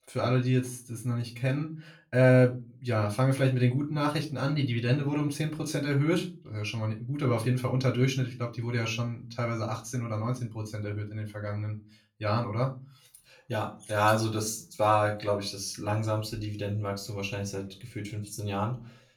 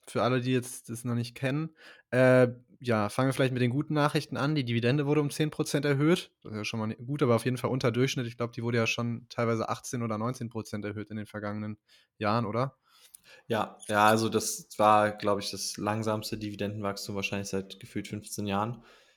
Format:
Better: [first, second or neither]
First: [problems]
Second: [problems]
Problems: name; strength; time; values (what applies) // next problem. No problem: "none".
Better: second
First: off-mic speech; far // room echo; very slight; dies away in 0.3 s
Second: none